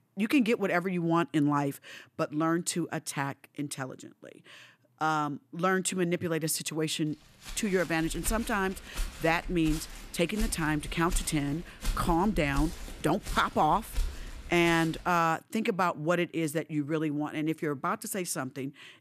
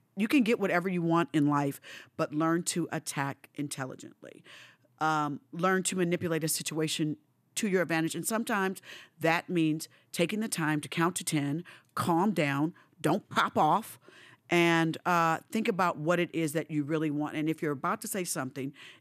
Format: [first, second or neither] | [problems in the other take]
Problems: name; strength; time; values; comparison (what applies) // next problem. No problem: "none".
second | footsteps; noticeable; from 7.5 to 15 s; peak 7 dB below the speech